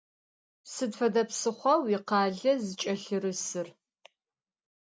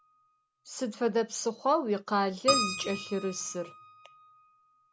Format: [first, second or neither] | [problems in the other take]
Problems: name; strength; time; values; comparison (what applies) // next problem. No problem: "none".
first | background sound (Keyboard (musical)); 6 dB below the speech